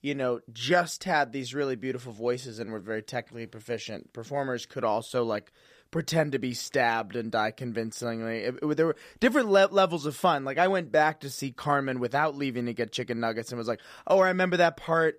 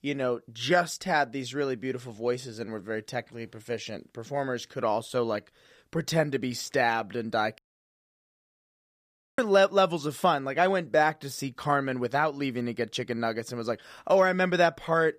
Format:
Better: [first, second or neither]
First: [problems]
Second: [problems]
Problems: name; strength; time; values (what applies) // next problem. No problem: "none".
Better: first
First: none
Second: audio cutting out; at 7.5 s for 2 s